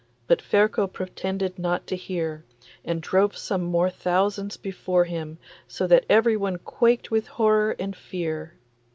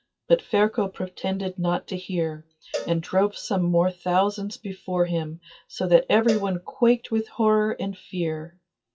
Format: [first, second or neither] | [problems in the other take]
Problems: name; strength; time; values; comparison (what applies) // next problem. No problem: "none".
first | noise reduction (classical method WPE with log-MMSE)